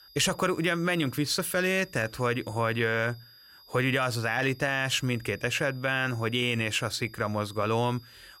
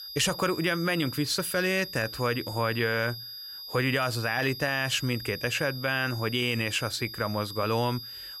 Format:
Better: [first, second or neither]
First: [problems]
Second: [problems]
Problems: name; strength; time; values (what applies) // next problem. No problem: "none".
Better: first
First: high-pitched whine; faint; throughout; 5 kHz, 25 dB below the speech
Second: high-pitched whine; loud; throughout; 5 kHz, 10 dB below the speech